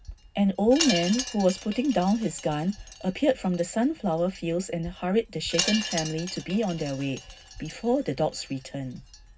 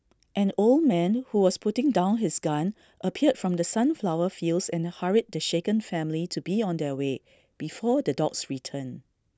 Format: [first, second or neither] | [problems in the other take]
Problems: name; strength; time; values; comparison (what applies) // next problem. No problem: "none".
second | background sound (Wind chime); 10 dB below the speech // room echo; dies away in 0.4 s